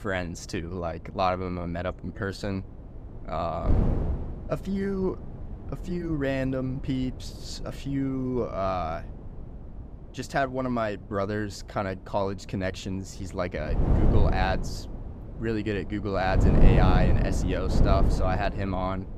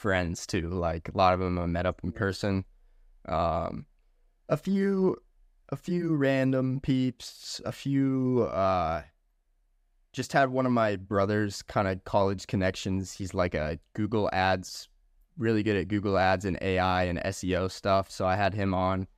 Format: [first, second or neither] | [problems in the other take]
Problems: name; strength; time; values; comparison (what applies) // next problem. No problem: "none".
second | wind noise on the microphone; heavy; 7 dB below the speech